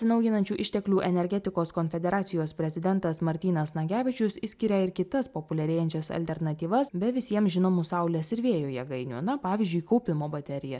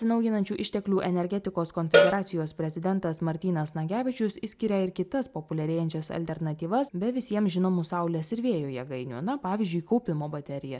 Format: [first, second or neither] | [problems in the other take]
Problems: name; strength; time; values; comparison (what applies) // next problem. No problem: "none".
first | background sound (Cowbell); 1 dB above the speech